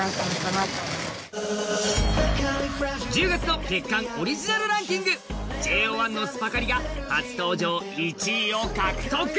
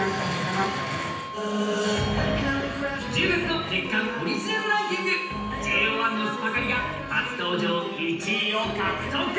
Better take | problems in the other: first | background sound (Wind instrument, woodwind instrument); 13 dB below the speech // room echo; dies away in 0.9 s

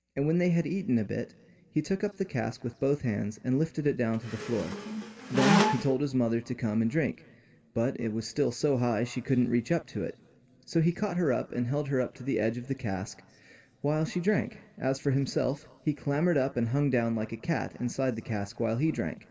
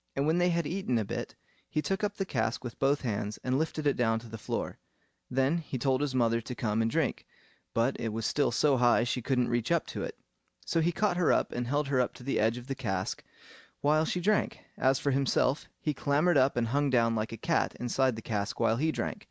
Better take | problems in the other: second | background sound (Squeak); as loud as the speech // room echo; dies away in 2.8 s

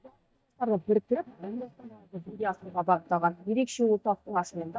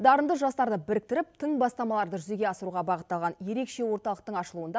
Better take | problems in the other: second | noise reduction (neural mask model DeepFilterNet 3)

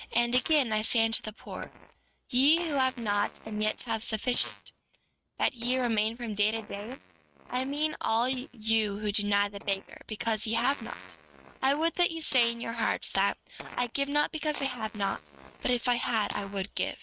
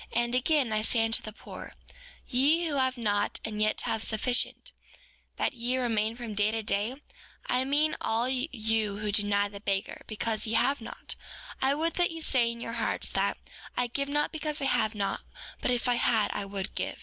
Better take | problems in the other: second | noise reduction (neural mask model RNNoise)

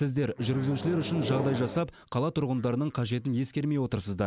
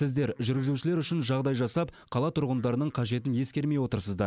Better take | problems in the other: second | background sound (Microwave oven); 6 dB below the speech

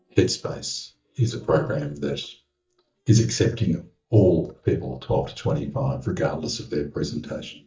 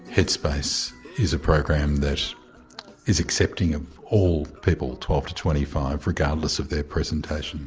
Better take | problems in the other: second | noise reduction (neural mask model DeepFilterNet 3)

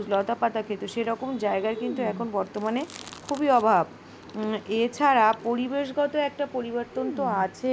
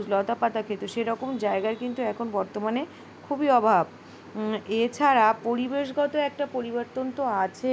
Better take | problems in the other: second | background sound (Chewing, mastication); 17 dB below the speech

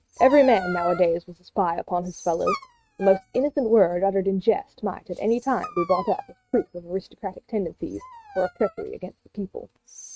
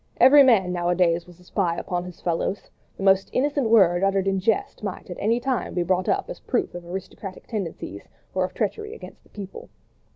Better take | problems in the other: second | noise reduction (neural mask model RNNoise)

